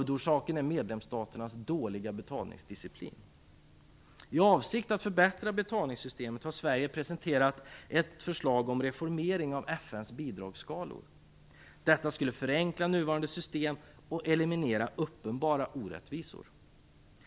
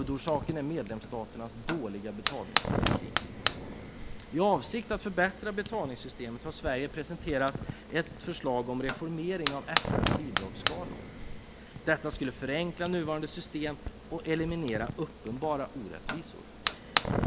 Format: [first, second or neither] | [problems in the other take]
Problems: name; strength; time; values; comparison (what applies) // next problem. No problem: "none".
first | background sound (Fire); 2 dB below the speech